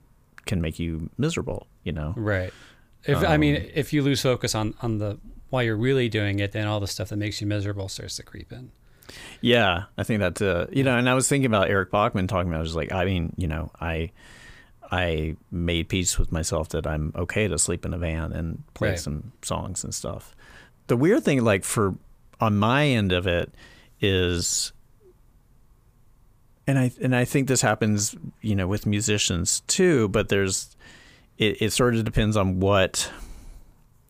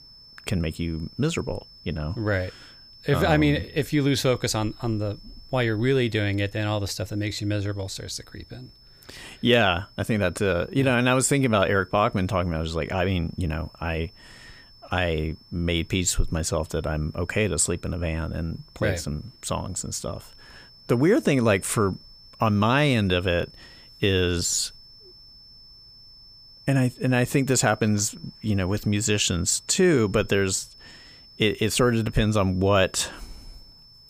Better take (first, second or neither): first